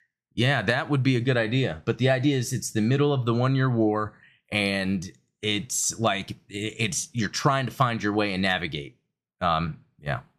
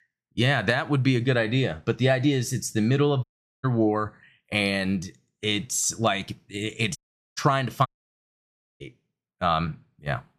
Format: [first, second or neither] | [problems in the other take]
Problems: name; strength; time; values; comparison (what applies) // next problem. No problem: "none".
first | audio cutting out; at 3 s, at 7 s and at 8 s for 1 s